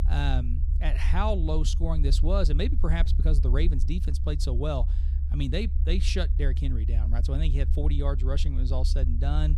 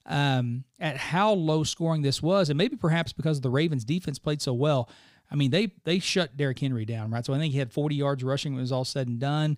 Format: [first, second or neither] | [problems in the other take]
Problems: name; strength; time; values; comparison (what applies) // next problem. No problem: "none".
second | low rumble; noticeable; throughout; 10 dB below the speech